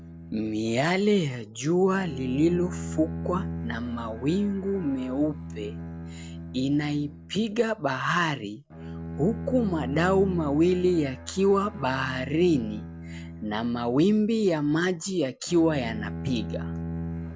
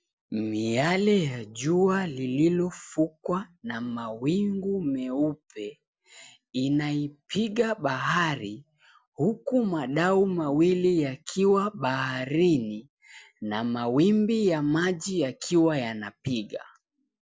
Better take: second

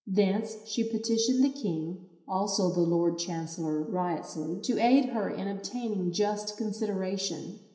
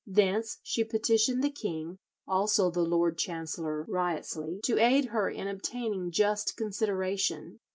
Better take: second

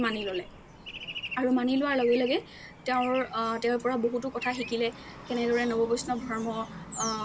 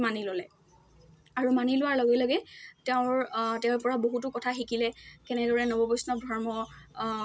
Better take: second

